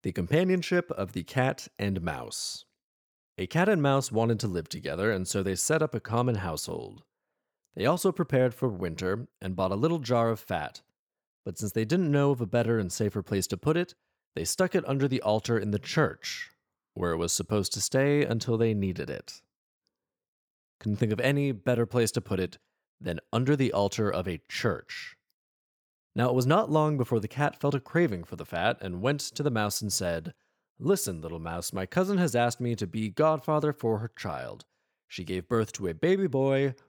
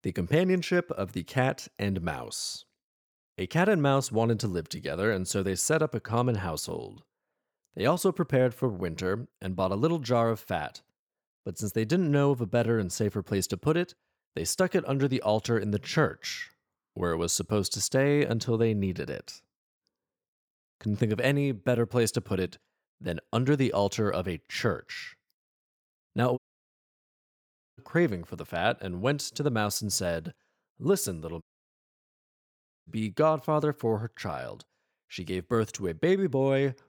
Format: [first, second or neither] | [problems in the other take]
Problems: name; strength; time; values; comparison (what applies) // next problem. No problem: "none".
first | audio cutting out; at 26 s for 1.5 s and at 31 s for 1.5 s